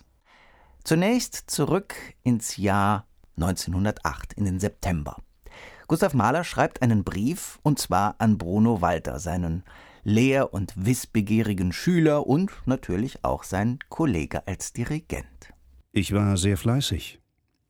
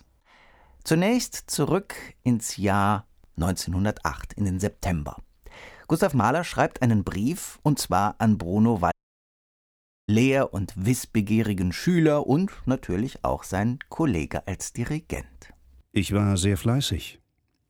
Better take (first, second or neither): first